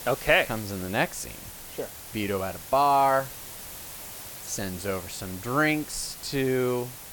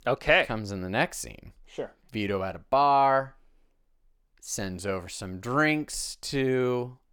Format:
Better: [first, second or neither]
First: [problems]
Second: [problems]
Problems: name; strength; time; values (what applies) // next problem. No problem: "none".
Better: second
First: hiss; noticeable; throughout; 10 dB below the speech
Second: none